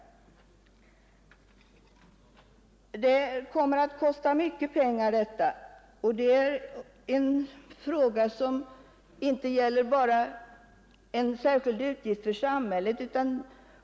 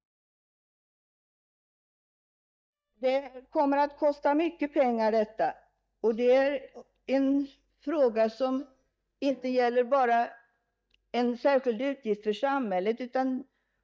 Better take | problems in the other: first | noise reduction (neural mask model DeepFilterNet 3)

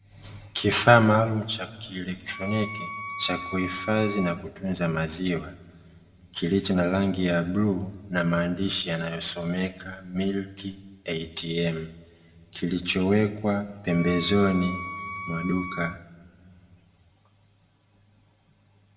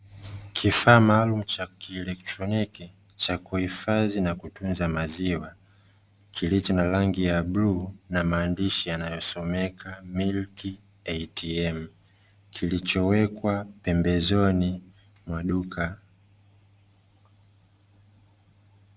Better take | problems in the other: second | background sound (Wind instrument, woodwind instrument); 10 dB below the speech // room echo; dies away in 1.1 s

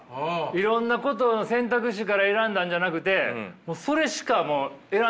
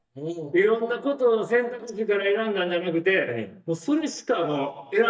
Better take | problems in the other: first | noise reduction (neural mask model DeepFilterNet 3)

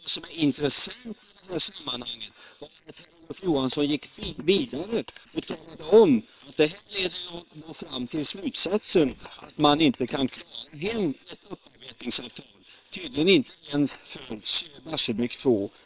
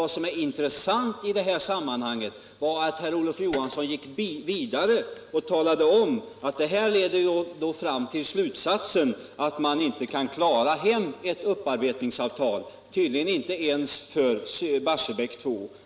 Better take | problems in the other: second | noise reduction (neural separator model SepFormer WHAM!)

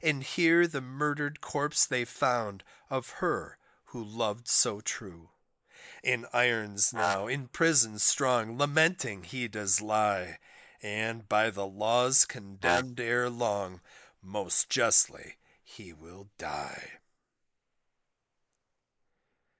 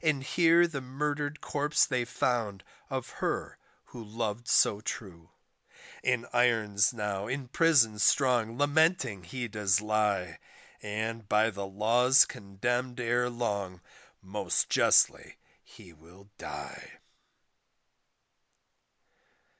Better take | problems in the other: second | noise reduction (neural mask model Resemble Enhance denoiser)

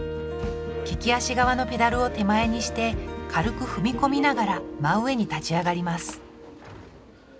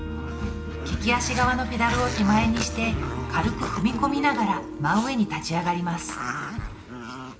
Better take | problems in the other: first | background sound (Growling); 9 dB below the speech // room echo; dies away in 1.6 s

